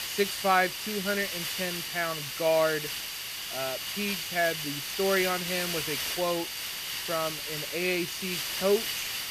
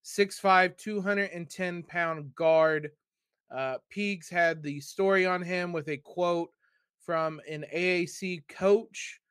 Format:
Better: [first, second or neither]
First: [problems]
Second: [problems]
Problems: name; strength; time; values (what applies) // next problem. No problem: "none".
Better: second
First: hiss; loud; throughout; 2 dB below the speech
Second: none